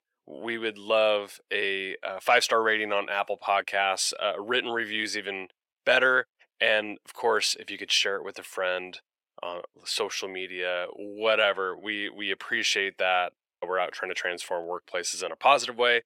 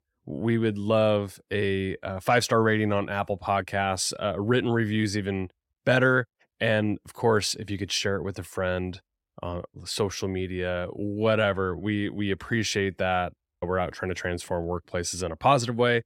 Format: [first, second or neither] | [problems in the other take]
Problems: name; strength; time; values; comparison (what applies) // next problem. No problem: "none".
second | thin; very; fading below 550 Hz